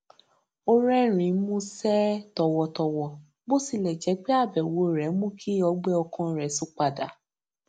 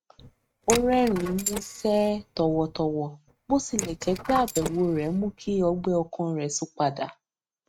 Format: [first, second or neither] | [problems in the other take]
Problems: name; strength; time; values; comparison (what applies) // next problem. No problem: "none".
first | noise reduction (neural mask model RNNoise)